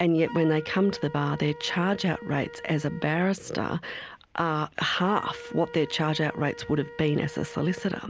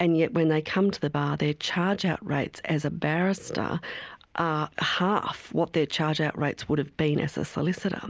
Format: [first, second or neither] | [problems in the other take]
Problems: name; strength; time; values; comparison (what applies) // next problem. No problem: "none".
second | background sound (Wind instrument, woodwind instrument); 17 dB below the speech